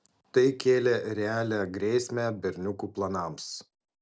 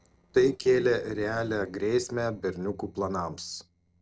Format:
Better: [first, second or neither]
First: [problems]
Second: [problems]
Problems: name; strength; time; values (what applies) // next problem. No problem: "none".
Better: first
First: none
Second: noise reduction (neural separator model SepFormer DNS4)